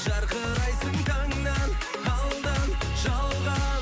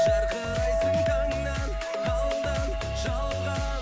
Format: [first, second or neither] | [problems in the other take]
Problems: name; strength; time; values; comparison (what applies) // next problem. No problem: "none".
first | background sound (Chink, clink); 1 dB above the speech